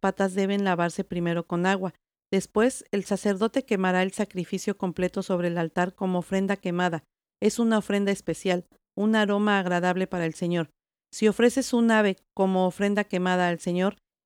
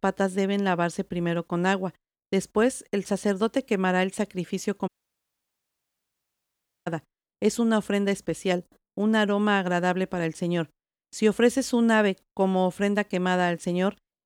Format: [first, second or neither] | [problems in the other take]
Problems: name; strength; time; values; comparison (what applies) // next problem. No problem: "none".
first | audio cutting out; at 5 s for 2 s